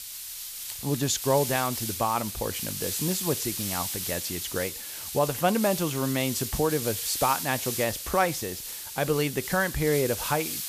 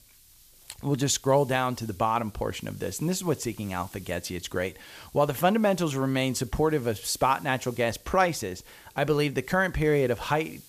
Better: second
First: hiss; loud; throughout; 4 dB below the speech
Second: hiss; faint; throughout; 25 dB below the speech

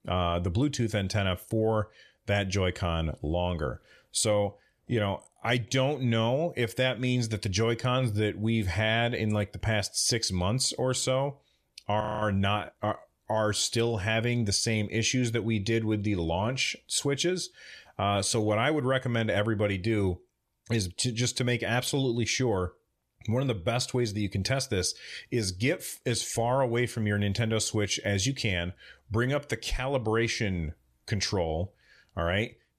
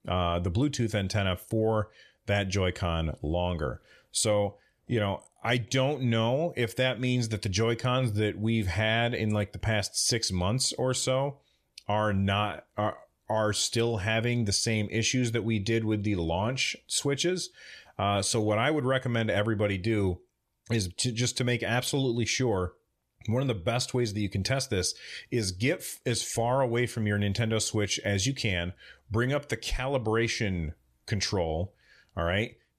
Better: second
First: audio freezing; at 12 s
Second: none

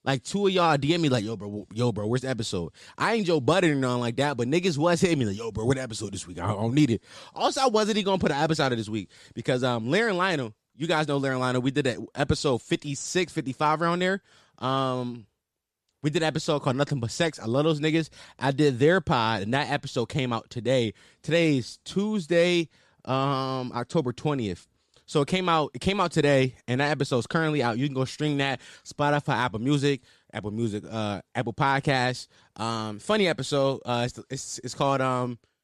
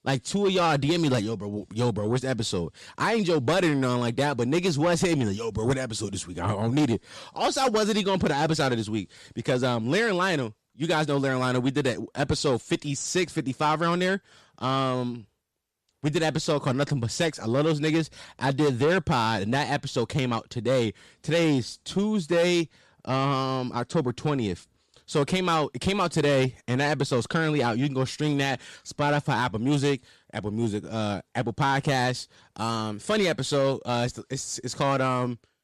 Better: first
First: none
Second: distortion; slight; 10 dB below the speech

